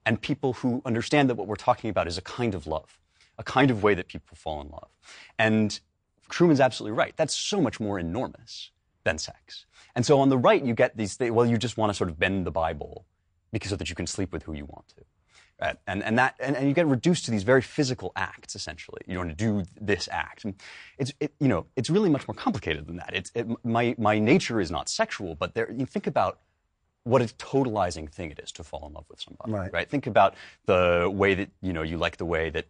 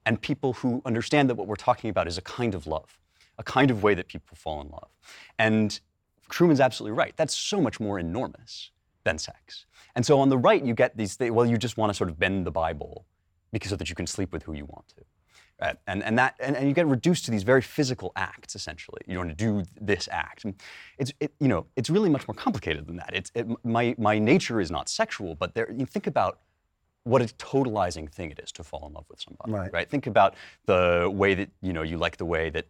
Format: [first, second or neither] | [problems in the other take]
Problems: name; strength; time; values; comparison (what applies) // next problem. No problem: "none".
second | garbled, watery; slightly; nothing above 9 kHz